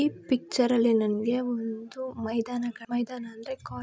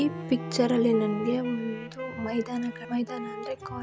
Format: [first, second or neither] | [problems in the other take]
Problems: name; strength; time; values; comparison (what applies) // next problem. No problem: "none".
first | background sound (Bowed string instrument + Wind instrument, woodwind instrument); 10 dB below the speech